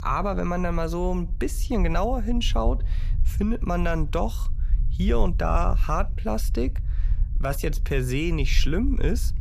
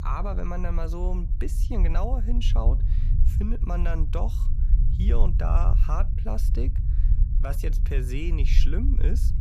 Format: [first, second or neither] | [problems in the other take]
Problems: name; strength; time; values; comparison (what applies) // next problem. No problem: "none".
first | low rumble; loud; throughout; 9 dB below the speech; faint in the first